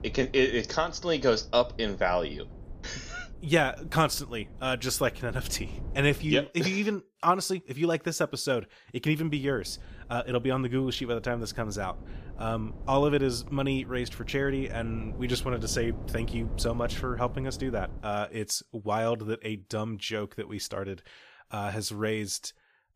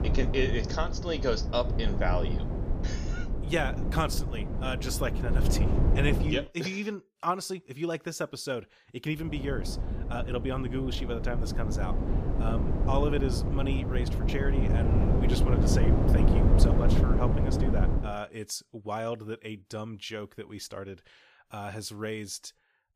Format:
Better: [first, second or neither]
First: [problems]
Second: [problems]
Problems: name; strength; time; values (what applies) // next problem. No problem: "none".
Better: first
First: low rumble; faint; until 6.5 s and from 9.5 to 18 s; 20 dB below the speech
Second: low rumble; loud; until 6.5 s and from 9.5 to 18 s; 3 dB below the speech